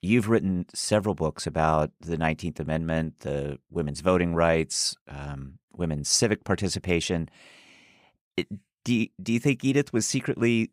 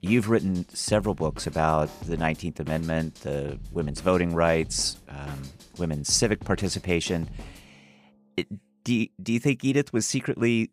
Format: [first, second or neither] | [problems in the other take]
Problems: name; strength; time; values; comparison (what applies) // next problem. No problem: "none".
first | background music; noticeable; throughout; 20 dB below the speech